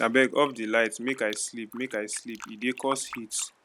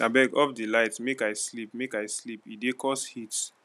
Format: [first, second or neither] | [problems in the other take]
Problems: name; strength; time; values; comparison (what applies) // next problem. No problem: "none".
second | background sound (Fill (with liquid)); 17 dB below the speech